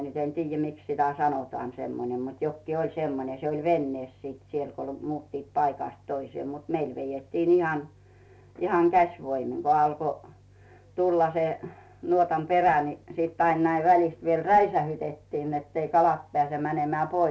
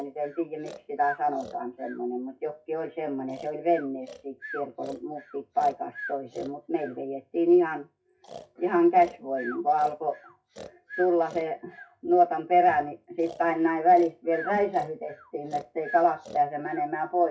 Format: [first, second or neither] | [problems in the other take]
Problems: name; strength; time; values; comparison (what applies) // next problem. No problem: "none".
first | noise reduction (classical method WPE with log-MMSE)